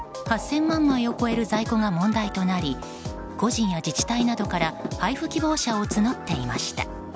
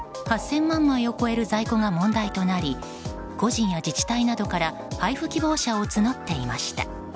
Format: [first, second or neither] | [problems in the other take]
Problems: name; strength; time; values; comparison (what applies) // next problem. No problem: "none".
second | background sound (Knock / Wood); 11 dB below the speech